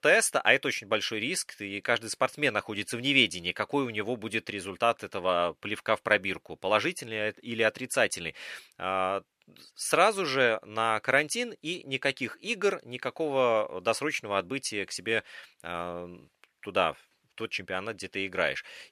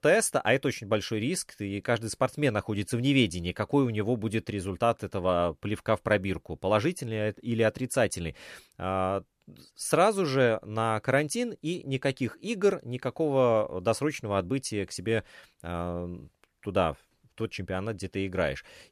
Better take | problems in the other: second | thin; somewhat; fading below 450 Hz

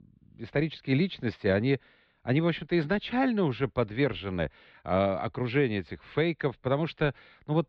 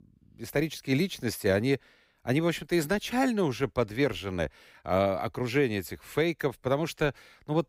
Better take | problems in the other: second | muffled; slightly; fading above 4 kHz

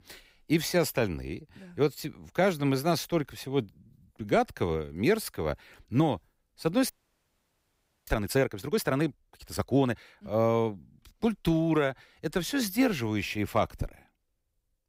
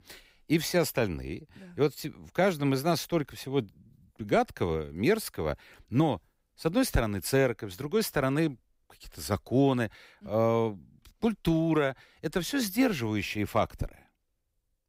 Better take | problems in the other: second | audio freezing; at 7 s for 1 s

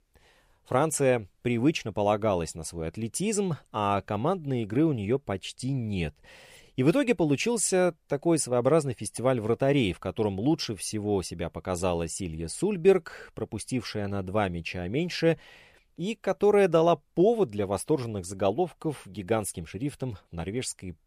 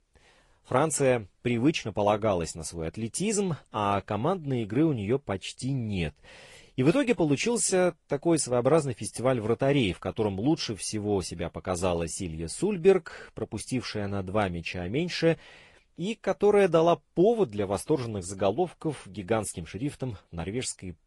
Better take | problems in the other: first | garbled, watery; slightly; nothing above 10.5 kHz

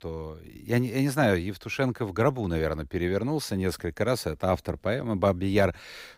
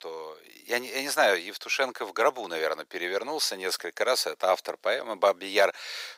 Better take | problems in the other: first | thin; very; fading below 550 Hz

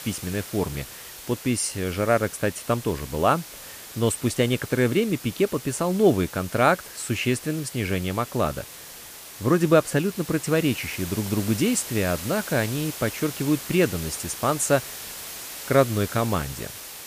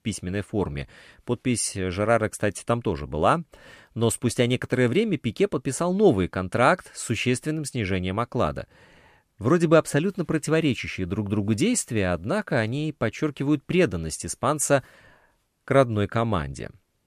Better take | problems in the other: second | hiss; noticeable; throughout; 10 dB below the speech

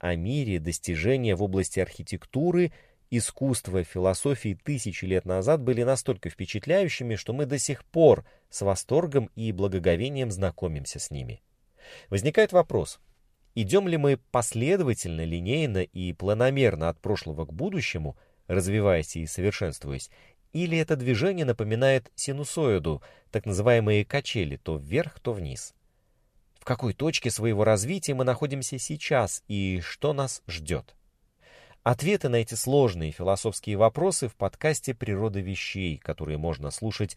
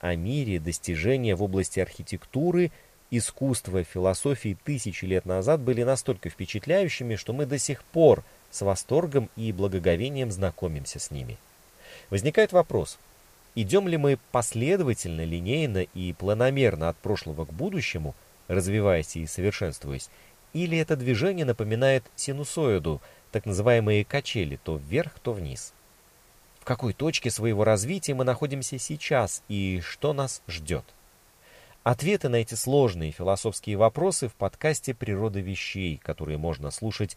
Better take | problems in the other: first | hiss; faint; throughout; 30 dB below the speech

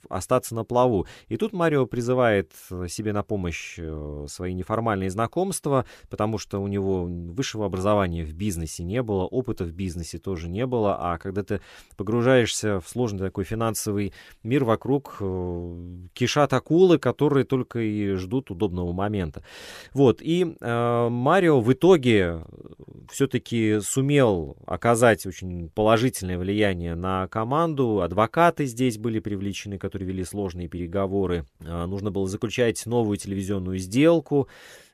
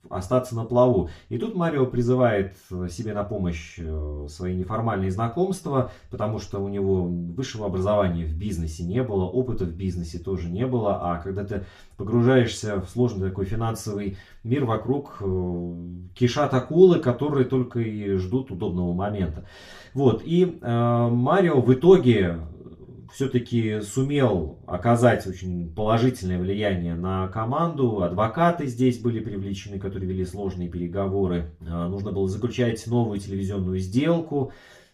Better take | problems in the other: first | room echo; very slight; dies away in 0.3 s // off-mic speech; far

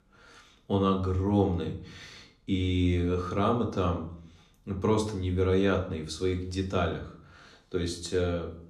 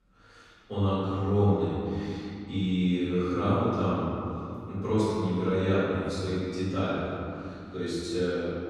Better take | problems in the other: first | room echo; strong; dies away in 2.5 s; slight in the first // off-mic speech; far; somewhat distant in the first

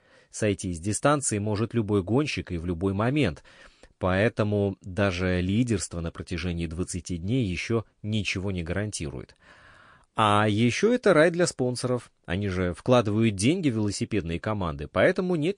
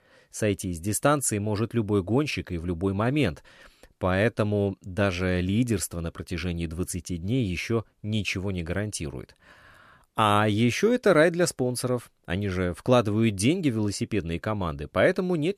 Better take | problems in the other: second | garbled, watery; slightly; nothing above 10 kHz

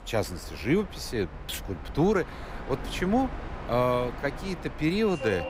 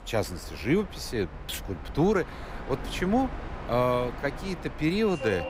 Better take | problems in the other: neither | train or aircraft noise; noticeable; throughout; 10 dB below the speech; the same in both

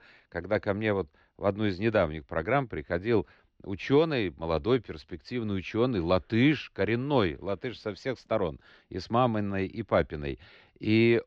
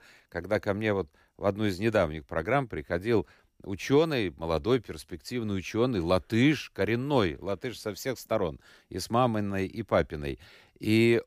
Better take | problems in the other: second | muffled; very slightly; fading above 4.5 kHz

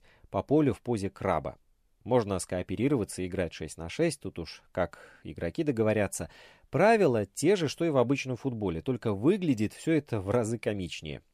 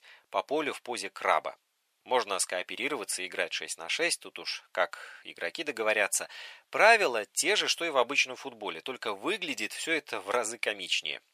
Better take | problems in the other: first | thin; very; fading below 900 Hz

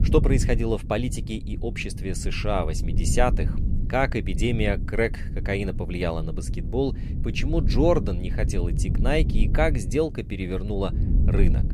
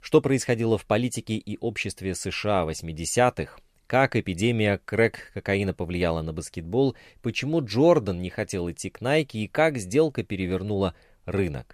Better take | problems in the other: second | low rumble; noticeable; throughout; 15 dB below the speech

